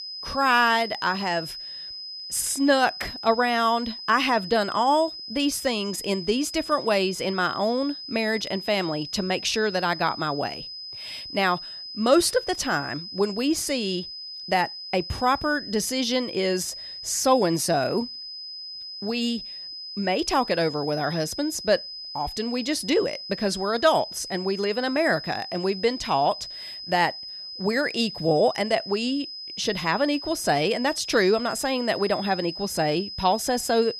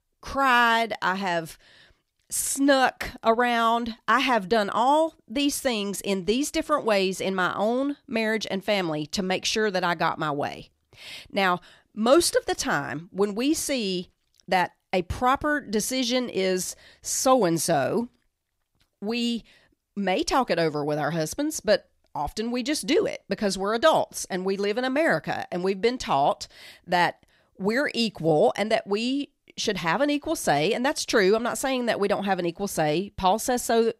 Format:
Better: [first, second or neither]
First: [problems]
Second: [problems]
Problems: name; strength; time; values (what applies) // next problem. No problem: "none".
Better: second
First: high-pitched whine; loud; throughout; 5 kHz, 10 dB below the speech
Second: none